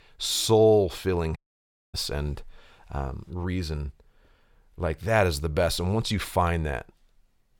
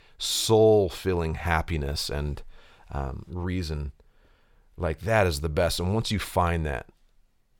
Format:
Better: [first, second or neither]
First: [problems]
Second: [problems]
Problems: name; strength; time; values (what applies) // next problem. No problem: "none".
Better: second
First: audio cutting out; at 1.5 s for 0.5 s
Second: none